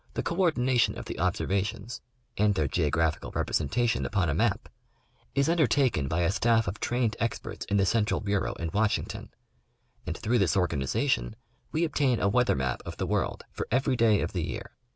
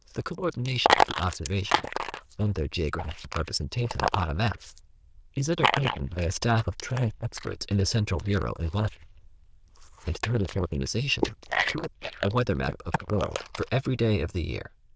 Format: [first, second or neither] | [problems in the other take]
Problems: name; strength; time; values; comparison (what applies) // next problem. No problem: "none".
first | noise reduction (neural diffusion model UNIVERSE++)